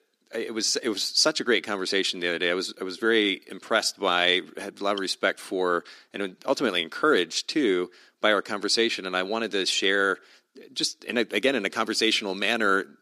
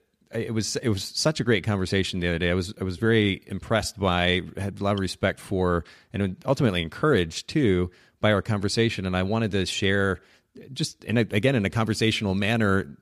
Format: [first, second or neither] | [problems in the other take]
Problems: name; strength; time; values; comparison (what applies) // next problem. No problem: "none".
second | thin; somewhat; fading below 300 Hz